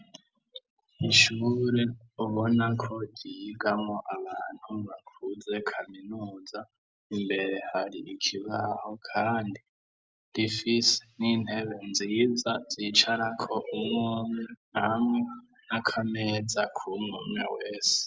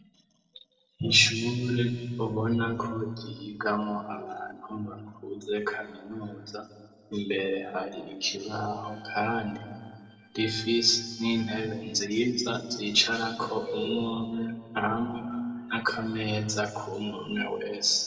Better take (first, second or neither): first